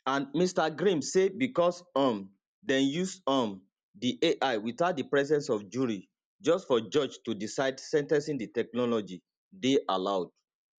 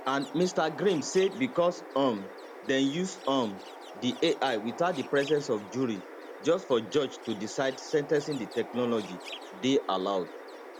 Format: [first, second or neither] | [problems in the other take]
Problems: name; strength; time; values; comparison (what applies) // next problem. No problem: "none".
first | background sound (Chirp, tweet); 14 dB below the speech